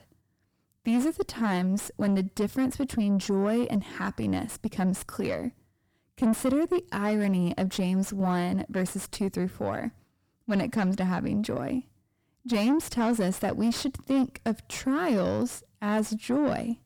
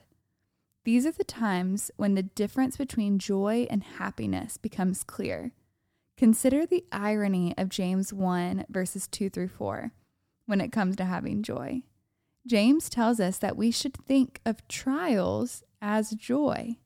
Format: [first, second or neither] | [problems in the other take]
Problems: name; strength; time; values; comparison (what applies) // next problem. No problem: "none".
second | distortion; slight; 9 dB below the speech